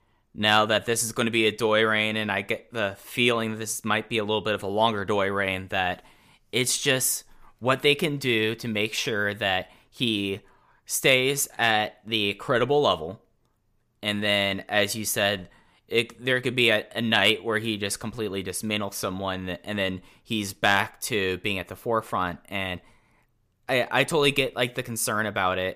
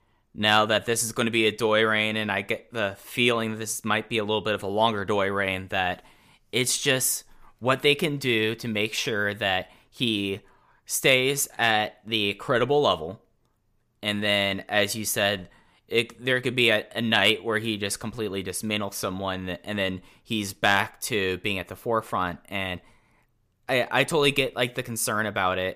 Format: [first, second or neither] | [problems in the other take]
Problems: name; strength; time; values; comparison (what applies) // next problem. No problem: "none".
neither | none